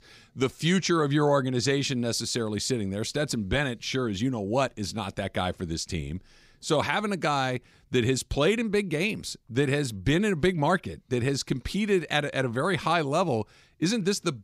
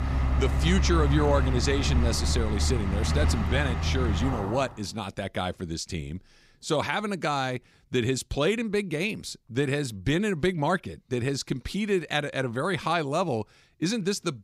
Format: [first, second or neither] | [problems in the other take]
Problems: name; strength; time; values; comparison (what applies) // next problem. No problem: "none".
first | traffic noise; very loud; until 4.5 s; 1 dB above the speech